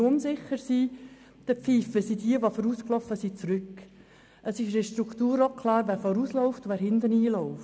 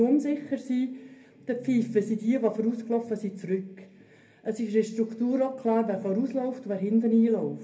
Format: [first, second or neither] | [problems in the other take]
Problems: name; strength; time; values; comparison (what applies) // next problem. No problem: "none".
first | room echo; dies away in 0.3 s